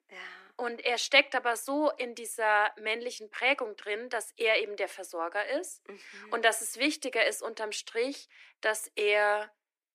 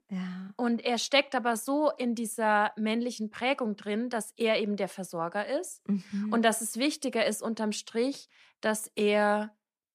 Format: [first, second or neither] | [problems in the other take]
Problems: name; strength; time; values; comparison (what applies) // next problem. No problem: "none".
second | thin; somewhat; fading below 300 Hz